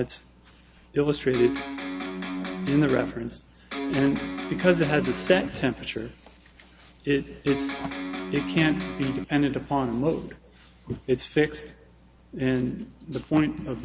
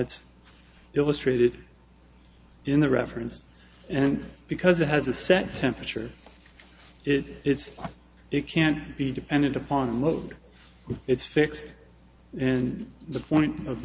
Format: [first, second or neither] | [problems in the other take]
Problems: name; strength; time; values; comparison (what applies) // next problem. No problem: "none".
second | background sound (Electric guitar); 5 dB below the speech